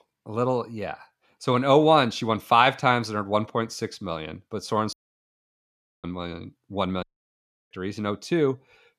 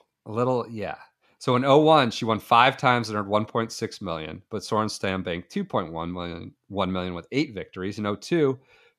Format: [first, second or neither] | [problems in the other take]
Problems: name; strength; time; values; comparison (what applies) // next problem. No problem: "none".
second | audio cutting out; at 5 s for 1 s and at 7 s for 0.5 s